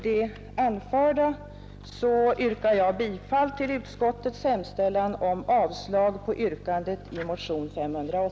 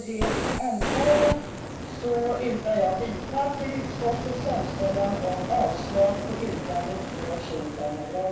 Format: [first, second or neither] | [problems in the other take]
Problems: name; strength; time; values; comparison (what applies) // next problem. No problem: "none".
first | background sound (Fire); 4 dB below the speech // room echo; dies away in 0.7 s